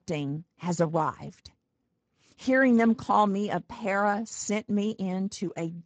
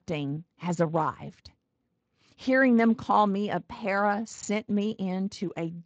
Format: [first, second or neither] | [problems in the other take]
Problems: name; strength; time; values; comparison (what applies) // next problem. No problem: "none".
second | garbled, watery; badly; nothing above 7.5 kHz; slightly in the second